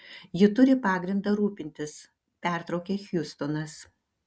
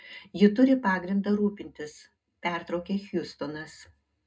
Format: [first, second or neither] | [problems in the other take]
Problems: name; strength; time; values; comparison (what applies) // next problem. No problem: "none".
first | room echo; dies away in 0.2 s